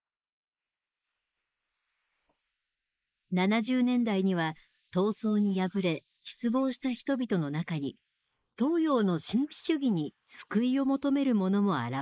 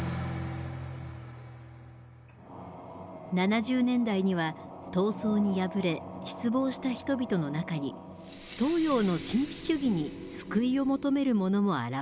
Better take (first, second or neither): second